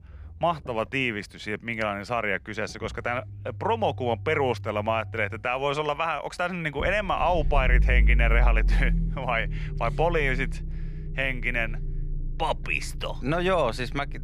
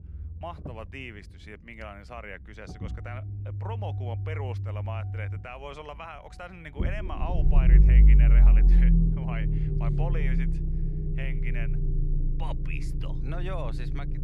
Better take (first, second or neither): first